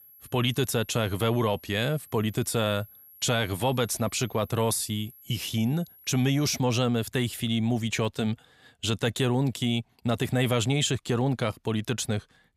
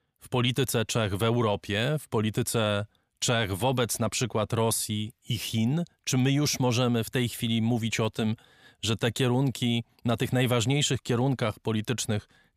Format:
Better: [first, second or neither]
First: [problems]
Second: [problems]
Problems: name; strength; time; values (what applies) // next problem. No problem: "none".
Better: second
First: high-pitched whine; faint; until 6.5 s; 11.5 kHz, 20 dB below the speech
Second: none